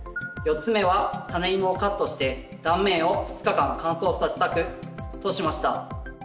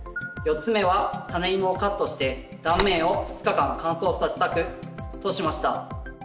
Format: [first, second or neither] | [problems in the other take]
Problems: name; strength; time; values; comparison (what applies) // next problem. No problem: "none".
first | background sound (Slam); 10 dB below the speech